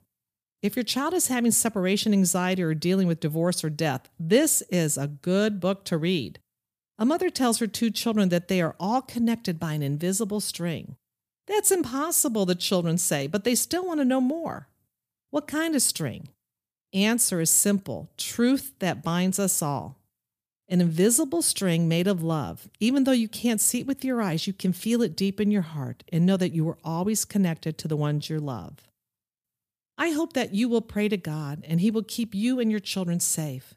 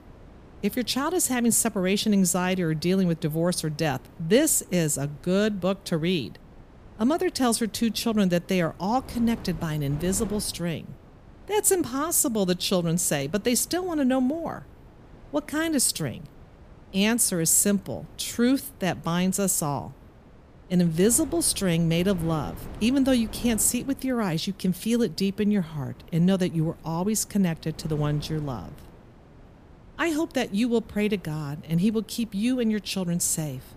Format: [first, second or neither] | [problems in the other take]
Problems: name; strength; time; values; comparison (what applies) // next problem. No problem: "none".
first | wind noise on the microphone; occasional gusts; 25 dB below the speech